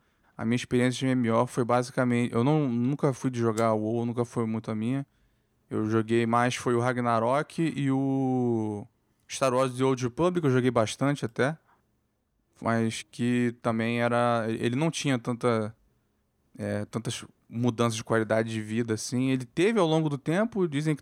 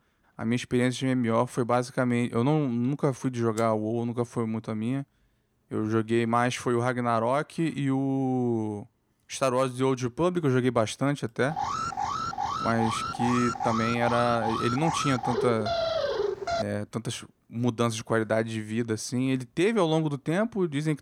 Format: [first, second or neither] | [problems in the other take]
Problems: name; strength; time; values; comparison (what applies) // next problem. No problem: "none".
first | alarm; noticeable; from 11 to 17 s; peak level with the speech